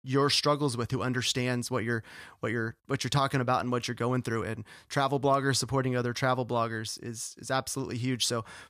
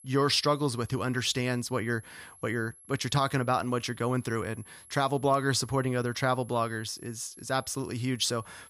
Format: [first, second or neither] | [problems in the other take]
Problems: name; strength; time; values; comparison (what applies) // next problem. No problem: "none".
first | high-pitched whine; faint; throughout; 11 kHz, 20 dB below the speech